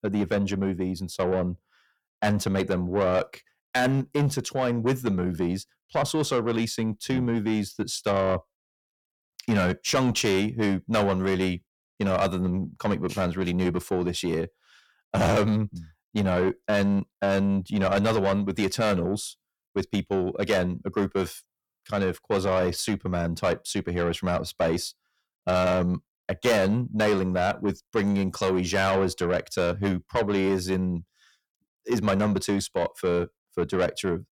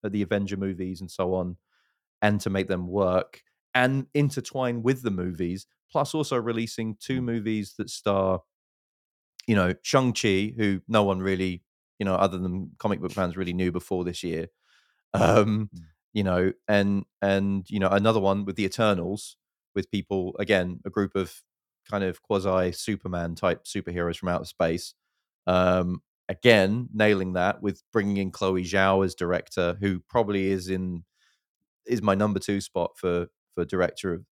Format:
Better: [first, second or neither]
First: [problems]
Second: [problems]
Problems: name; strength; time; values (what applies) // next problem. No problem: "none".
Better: second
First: distortion; heavy; 7 dB below the speech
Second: none